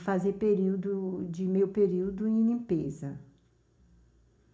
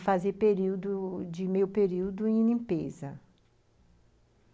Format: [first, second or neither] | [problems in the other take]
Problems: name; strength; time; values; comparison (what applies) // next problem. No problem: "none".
second | room echo; dies away in 0.4 s